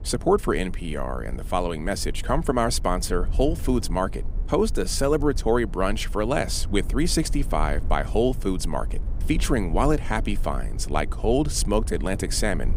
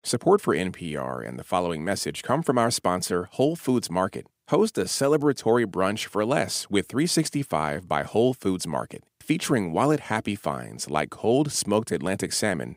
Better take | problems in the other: second | low rumble; faint; throughout; 20 dB below the speech

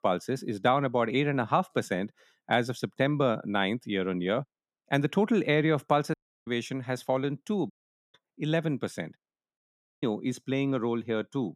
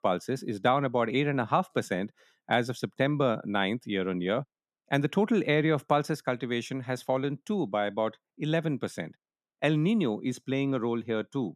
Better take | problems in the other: second | audio cutting out; at 6 s, at 7.5 s and at 9.5 s

